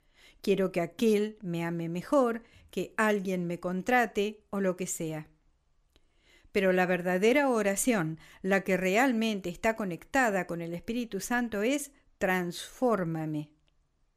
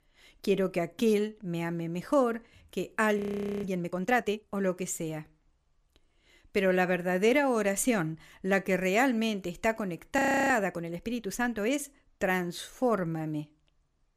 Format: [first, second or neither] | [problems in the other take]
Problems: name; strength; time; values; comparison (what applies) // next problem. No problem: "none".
first | audio freezing; at 3 s and at 10 s